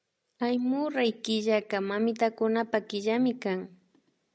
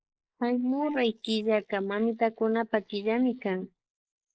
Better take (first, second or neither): first